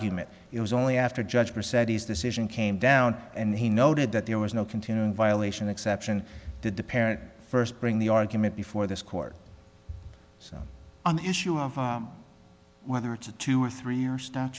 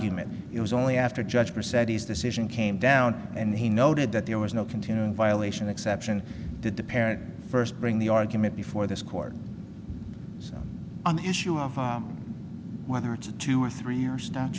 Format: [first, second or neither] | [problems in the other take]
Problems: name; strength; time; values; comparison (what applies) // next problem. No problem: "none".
first | background sound (Fire); 9 dB below the speech